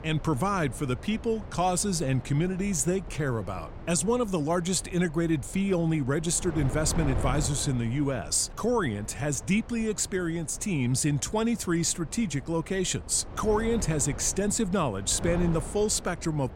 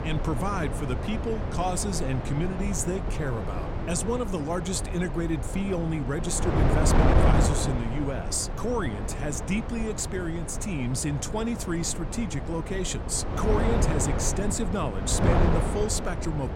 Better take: first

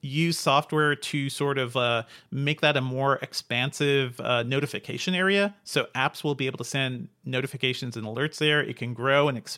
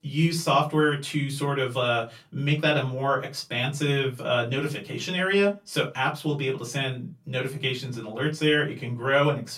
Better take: first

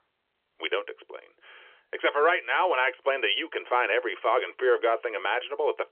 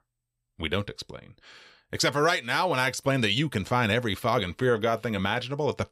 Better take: second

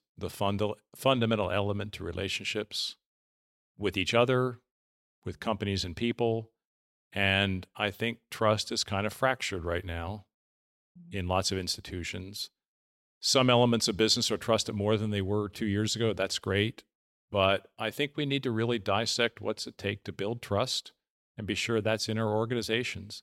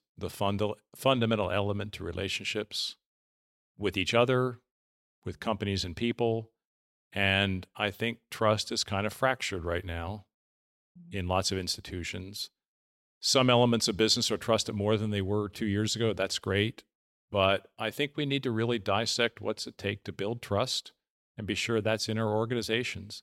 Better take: neither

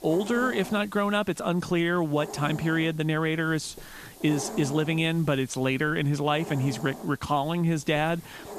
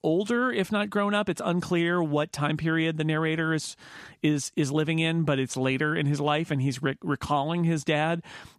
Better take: second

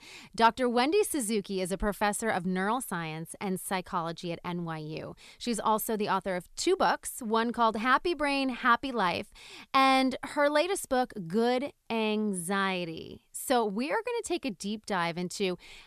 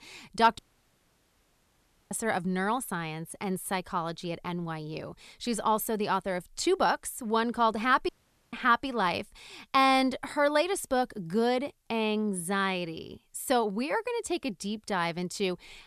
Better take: first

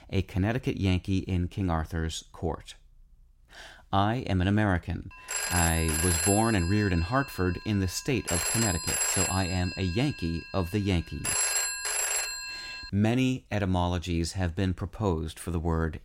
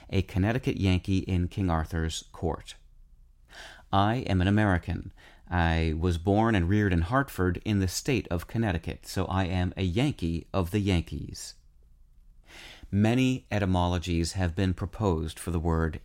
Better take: second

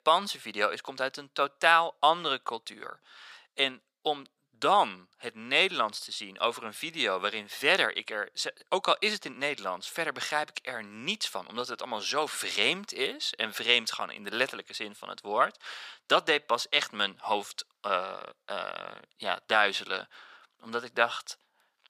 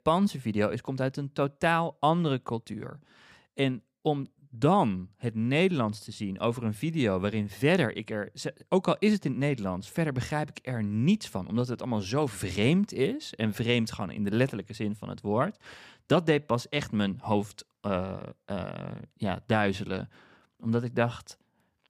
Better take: second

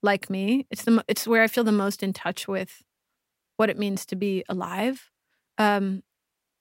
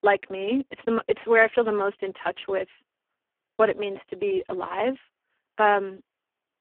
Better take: first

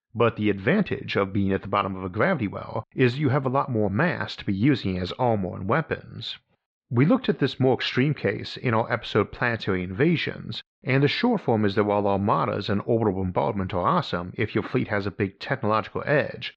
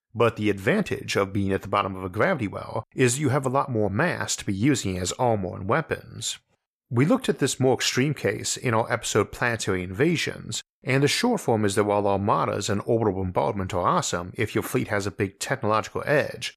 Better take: second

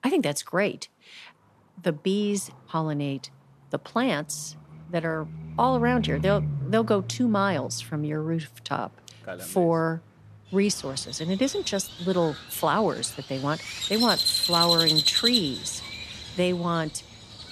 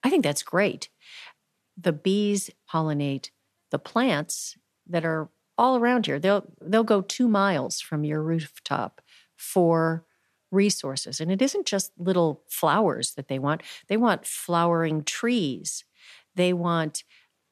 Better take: second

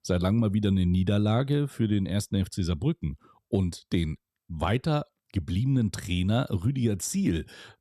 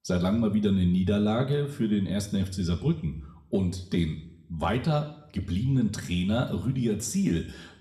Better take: first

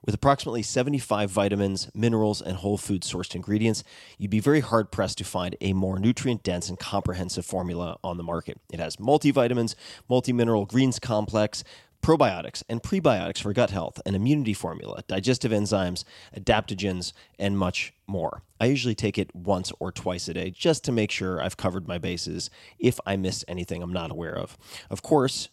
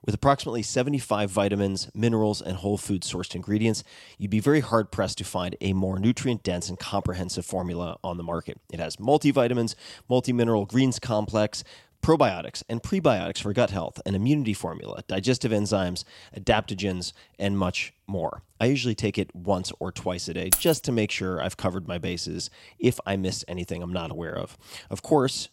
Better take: first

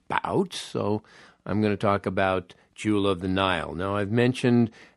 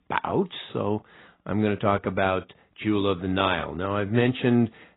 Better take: first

